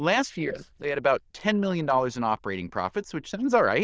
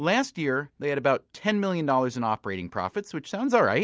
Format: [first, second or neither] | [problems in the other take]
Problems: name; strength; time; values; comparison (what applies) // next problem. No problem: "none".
second | noise reduction (neural diffusion model UNIVERSE++)